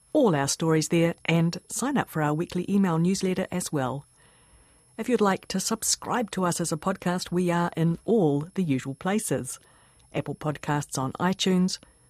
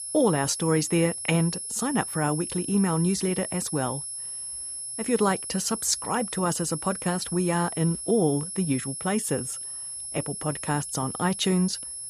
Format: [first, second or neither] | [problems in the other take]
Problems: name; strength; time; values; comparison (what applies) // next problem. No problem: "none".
first | high-pitched whine; loud; throughout; 10.5 kHz, 6 dB below the speech; faint in the first